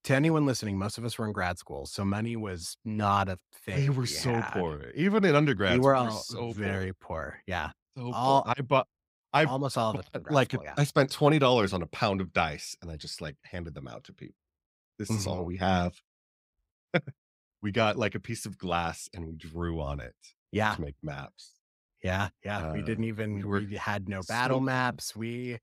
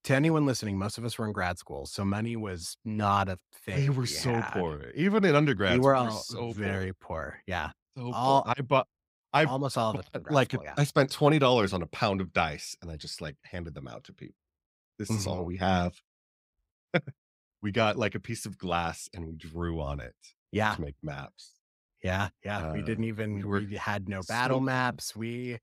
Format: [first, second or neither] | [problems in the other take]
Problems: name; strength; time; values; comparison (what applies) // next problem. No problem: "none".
neither | none